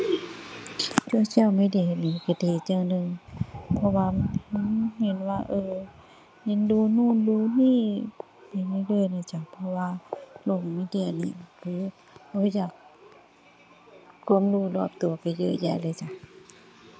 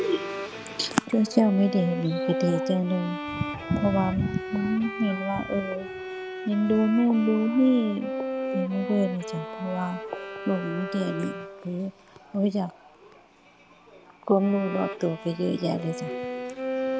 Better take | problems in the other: first | background sound (Bowed string instrument); 8 dB below the speech

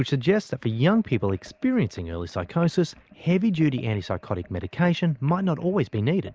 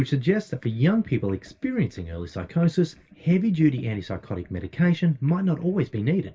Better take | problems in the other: first | room echo; dies away in 0.1 s

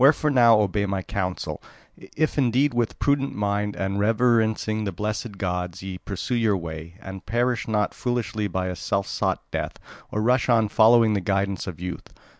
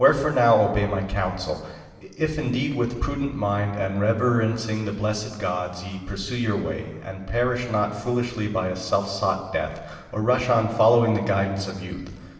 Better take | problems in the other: first | room echo; dies away in 1.4 s

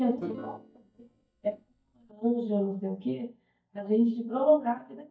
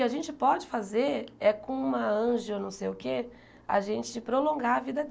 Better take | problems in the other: second | noise reduction (neural mask model DeepFilterNet 3)

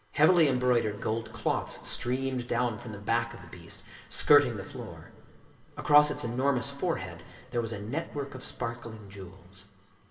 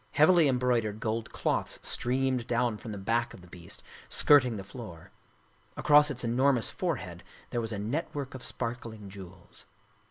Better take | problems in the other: second | room echo; dies away in 2.8 s

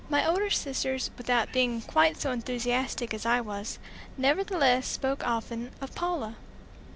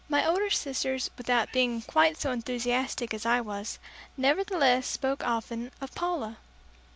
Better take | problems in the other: second | background sound (Subway, metro, underground); 15 dB below the speech

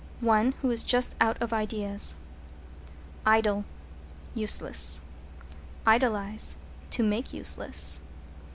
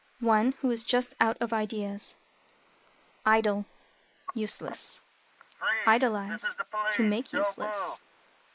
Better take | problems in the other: first | noise reduction (neural mask model Resemble Enhance denoiser)

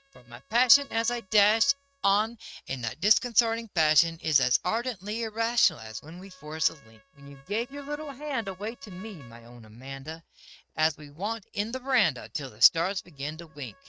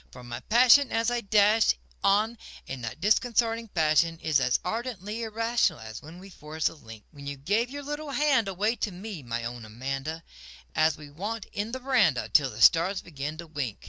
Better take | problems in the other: second | noise reduction (neural mask model RNNoise)

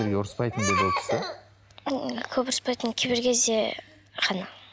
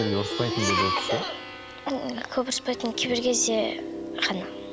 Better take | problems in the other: first | background sound (Plucked string instrument); 6 dB below the speech

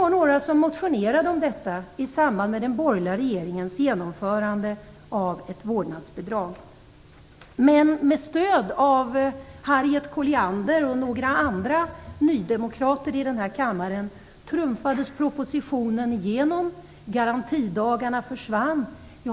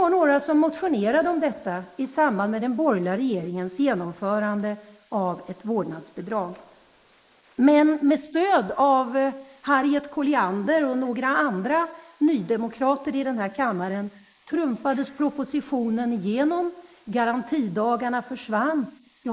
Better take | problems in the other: first | noise reduction (neural mask model Resemble Enhance denoiser)

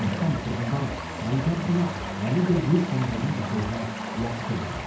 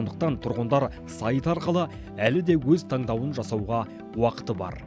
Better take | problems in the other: second | background sound (Stream); 8 dB below the speech // room echo; dies away in 0.6 s

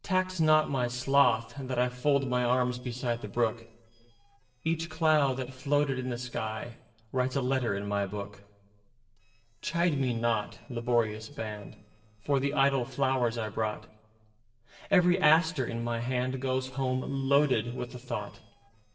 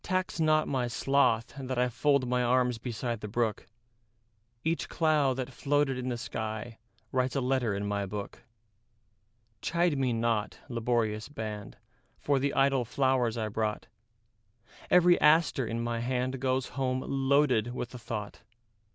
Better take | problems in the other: second | noise reduction (neural separator model SepFormer DNS4)

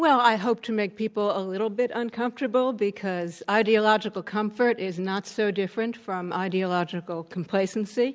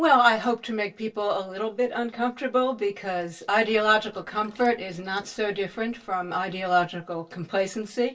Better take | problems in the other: first | noise reduction (neural separator model SepFormer DNS4)

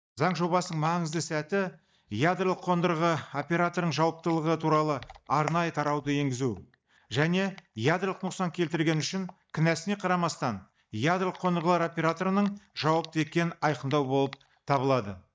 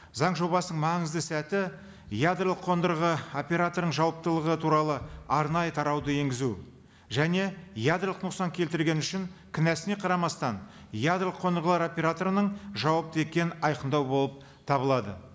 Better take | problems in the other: second | noise reduction (neural mask model DeepFilterNet 3)

